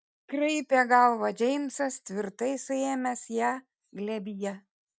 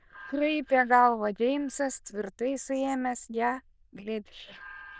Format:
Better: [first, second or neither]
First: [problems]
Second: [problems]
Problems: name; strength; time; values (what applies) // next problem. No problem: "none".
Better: first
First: none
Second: noise reduction (neural diffusion model UNIVERSE++)